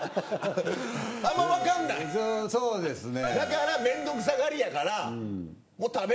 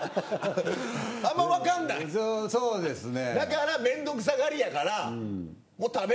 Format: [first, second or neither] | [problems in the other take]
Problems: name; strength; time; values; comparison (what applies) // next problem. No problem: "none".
second | background sound (Wind instrument, woodwind instrument); 7 dB below the speech